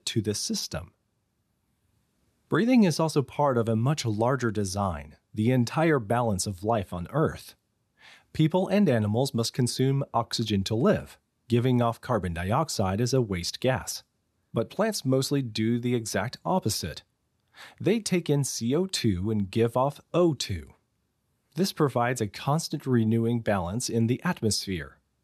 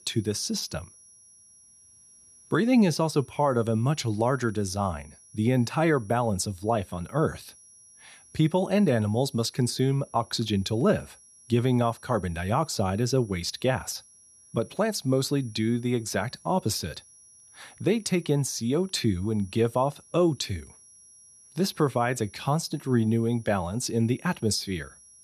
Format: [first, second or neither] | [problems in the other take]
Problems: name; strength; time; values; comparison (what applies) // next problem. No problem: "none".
first | high-pitched whine; faint; throughout; 10.5 kHz, 25 dB below the speech